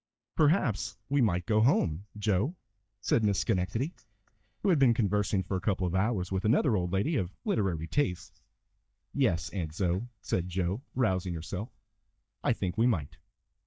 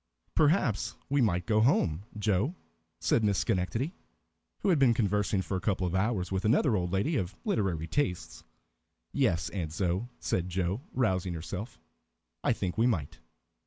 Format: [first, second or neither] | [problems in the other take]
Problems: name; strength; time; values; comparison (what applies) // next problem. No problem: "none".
second | noise reduction (neural mask model DeepFilterNet 3)